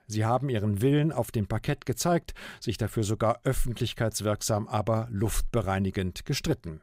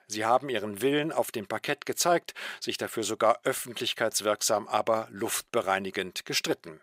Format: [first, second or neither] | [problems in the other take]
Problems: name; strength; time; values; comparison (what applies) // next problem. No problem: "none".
first | thin; somewhat; fading below 400 Hz